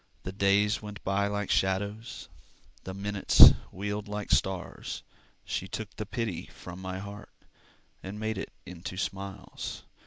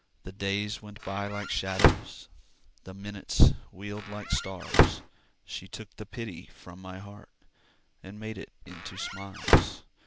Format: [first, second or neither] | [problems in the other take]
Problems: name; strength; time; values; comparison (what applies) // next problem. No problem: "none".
first | background sound (Squeak / Slam / Wood); 5 dB above the speech